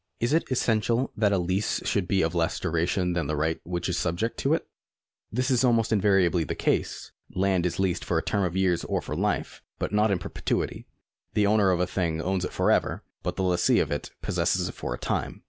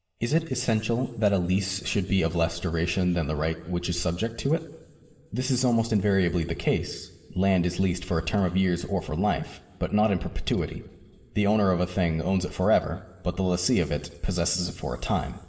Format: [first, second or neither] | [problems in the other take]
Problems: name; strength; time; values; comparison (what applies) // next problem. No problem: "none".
first | room echo; dies away in 2.6 s